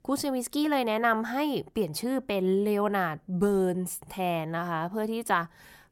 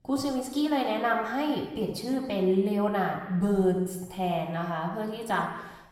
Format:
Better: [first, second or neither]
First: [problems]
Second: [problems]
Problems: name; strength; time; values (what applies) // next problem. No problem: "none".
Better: first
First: none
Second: room echo; noticeable; dies away in 1.1 s // off-mic speech; somewhat distant